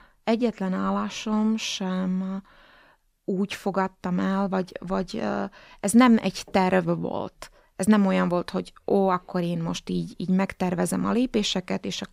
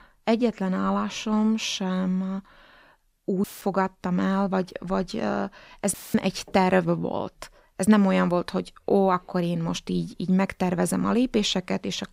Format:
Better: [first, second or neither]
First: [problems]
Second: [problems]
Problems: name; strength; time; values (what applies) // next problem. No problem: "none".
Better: first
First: none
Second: audio cutting out; filled with static; at 3.5 s and at 6 s